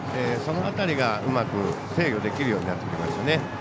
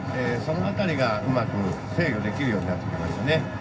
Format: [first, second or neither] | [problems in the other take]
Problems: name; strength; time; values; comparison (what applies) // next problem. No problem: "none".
first | room echo; dies away in 0.4 s